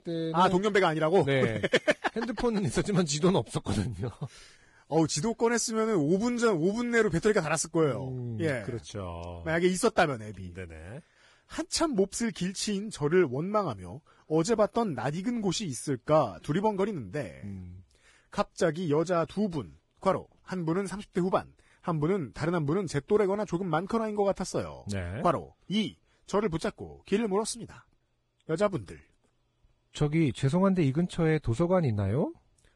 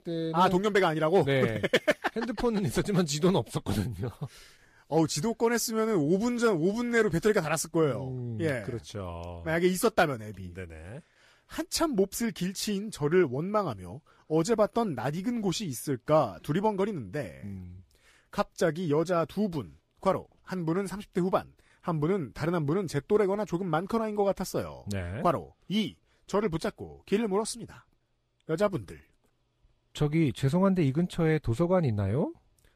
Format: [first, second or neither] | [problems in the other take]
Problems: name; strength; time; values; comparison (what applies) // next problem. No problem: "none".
second | garbled, watery; badly; nothing above 10.5 kHz; slightly in the second